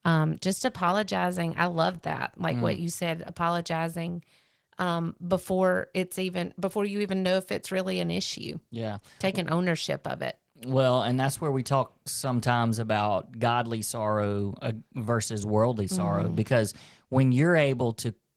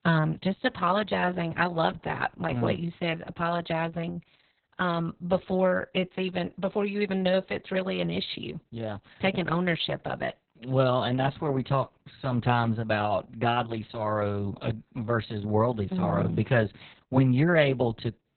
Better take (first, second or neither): first